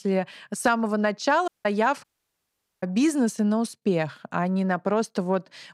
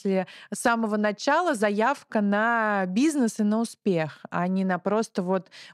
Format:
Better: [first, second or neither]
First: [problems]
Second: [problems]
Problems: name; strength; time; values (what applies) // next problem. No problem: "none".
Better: second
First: audio cutting out; at 1.5 s and at 2 s for 1 s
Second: none